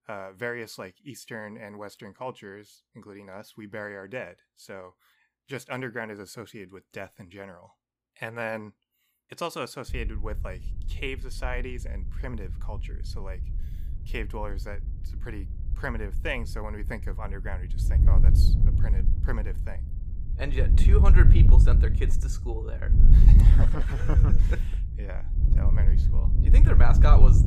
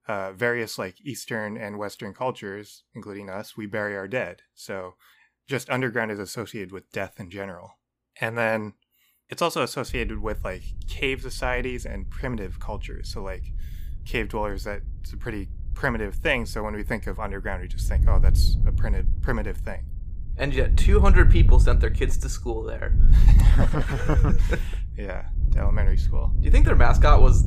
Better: second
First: wind noise on the microphone; heavy; from 10 s on; 3 dB below the speech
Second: wind noise on the microphone; occasional gusts; from 10 s on; 10 dB below the speech

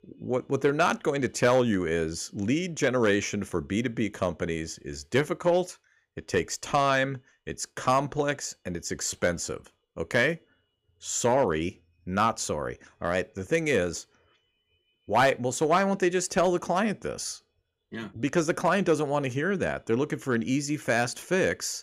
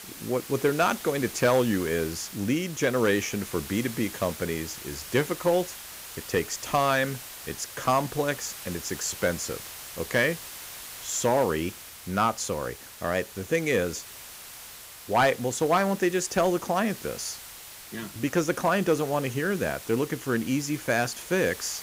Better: first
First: none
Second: hiss; noticeable; throughout; 10 dB below the speech

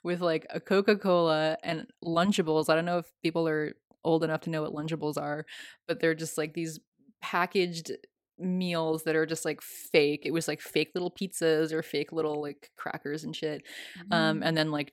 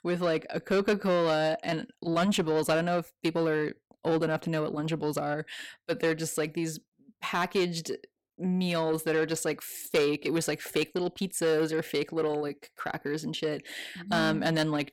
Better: first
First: none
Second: distortion; slight; 10 dB below the speech

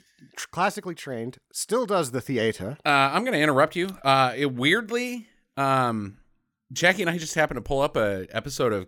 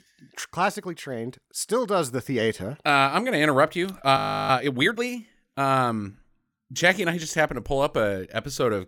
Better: first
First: none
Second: audio freezing; at 4 s

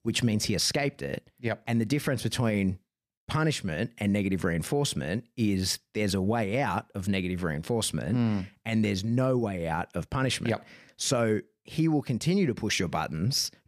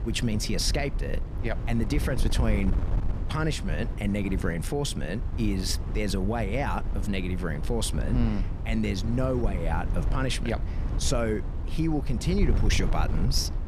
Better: first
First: none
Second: wind noise on the microphone; occasional gusts; 10 dB below the speech

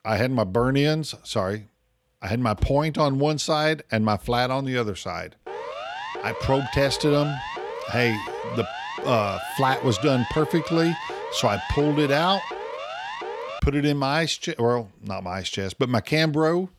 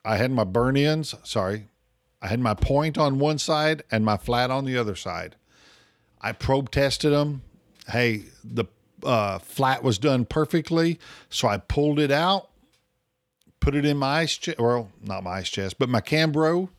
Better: second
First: siren; noticeable; from 5.5 to 14 s; peak 8 dB below the speech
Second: none

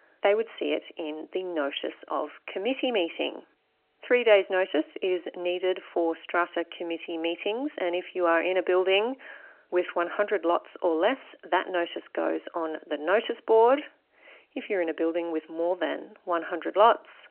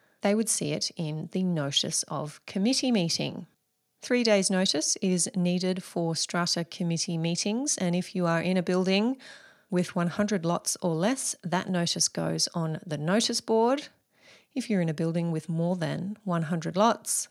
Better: second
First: phone-call audio; nothing above 3 kHz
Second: none

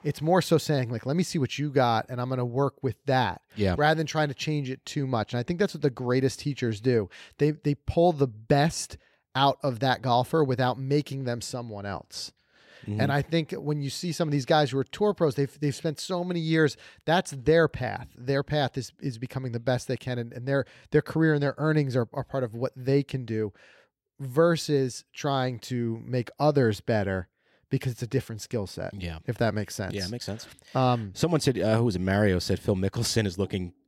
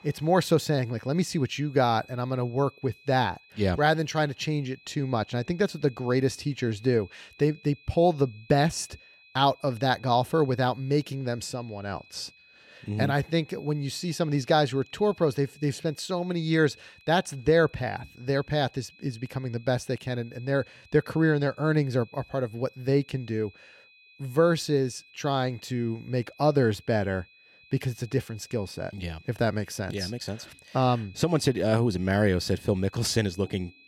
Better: first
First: none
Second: high-pitched whine; faint; throughout; 2.5 kHz, 25 dB below the speech

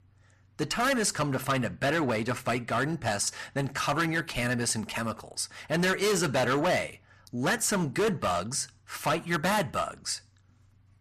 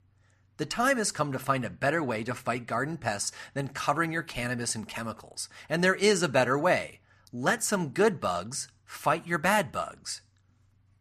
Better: second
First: distortion; heavy; 11% of the sound clipped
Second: none

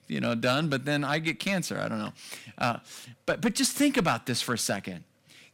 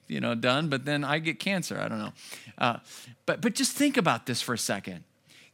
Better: second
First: distortion; slight; 1.5% of the sound clipped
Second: none

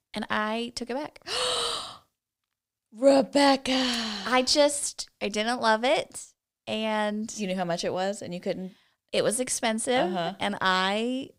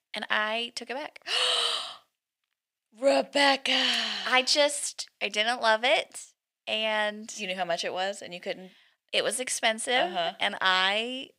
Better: first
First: none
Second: thin; very slightly; fading below 500 Hz

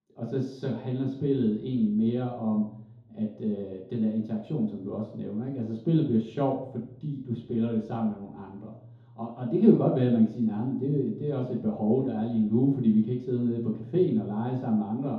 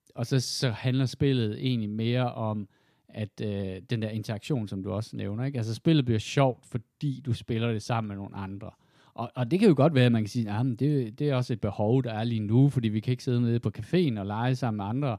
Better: second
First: room echo; noticeable; dies away in 3 s // off-mic speech; far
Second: none

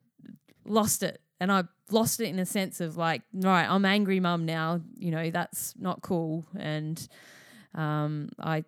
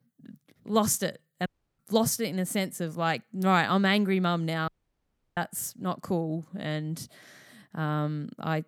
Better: first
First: none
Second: audio cutting out; at 1.5 s and at 4.5 s for 0.5 s

